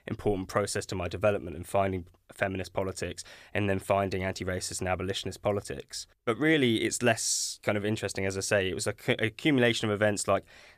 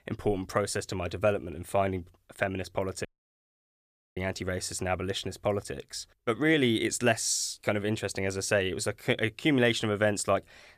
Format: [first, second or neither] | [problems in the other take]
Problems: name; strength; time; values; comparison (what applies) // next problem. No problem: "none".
first | audio cutting out; at 3 s for 1 s